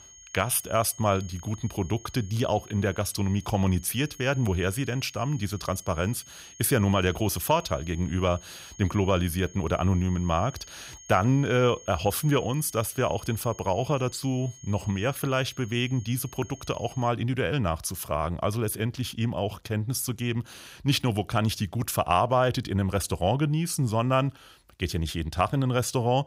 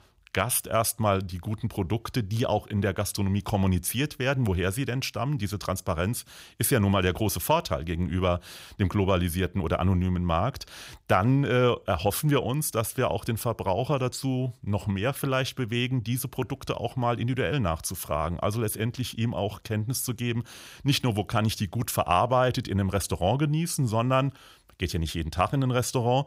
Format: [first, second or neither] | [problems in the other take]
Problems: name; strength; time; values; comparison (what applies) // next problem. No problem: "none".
second | high-pitched whine; noticeable; until 17 s; 6.5 kHz, 20 dB below the speech